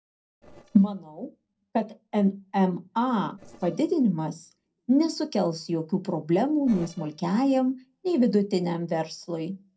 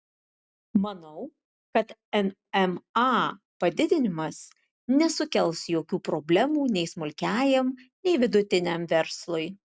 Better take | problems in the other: second | noise reduction (neural separator model SepFormer DNS4)

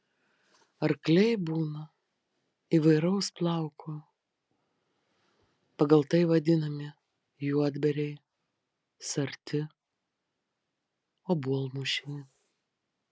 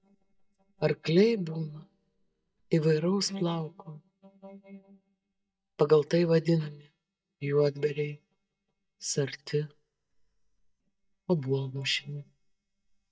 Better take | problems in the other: first | noise reduction (neural mask model DeepFilterNet 3)

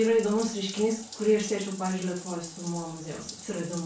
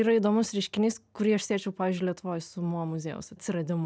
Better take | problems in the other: second | background sound (Bathtub (filling or washing)); 15 dB below the speech // room echo; dies away in 0.3 s

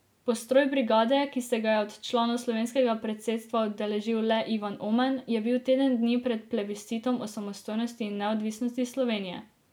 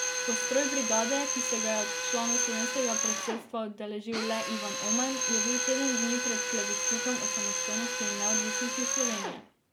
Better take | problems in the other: first | background sound (Drill); 3 dB above the speech

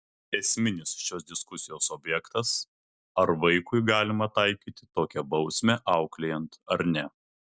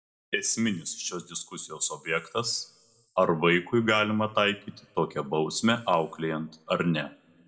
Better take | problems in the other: first | room echo; dies away in 0.5 s

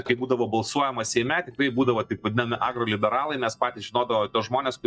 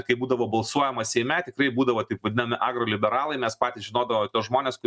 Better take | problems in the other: second | noise reduction (neural mask model DeepFilterNet 3)

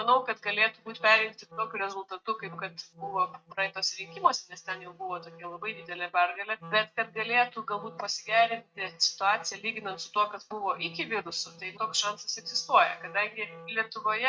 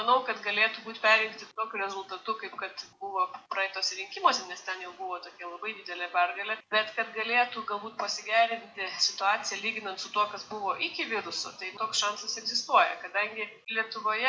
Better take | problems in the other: second | noise reduction (neural mask model RNNoise)

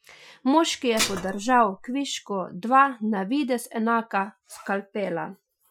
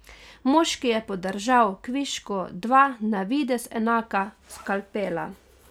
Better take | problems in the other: second | noise reduction (classical method Wiener filter)

